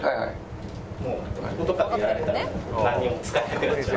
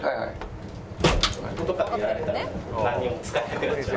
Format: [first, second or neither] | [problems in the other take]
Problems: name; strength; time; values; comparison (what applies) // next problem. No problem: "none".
first | background sound (Slam); 4 dB below the speech